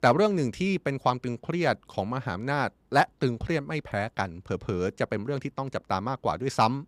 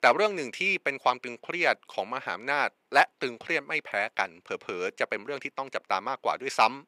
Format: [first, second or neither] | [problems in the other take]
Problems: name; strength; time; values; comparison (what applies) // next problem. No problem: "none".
first | thin; somewhat; fading below 450 Hz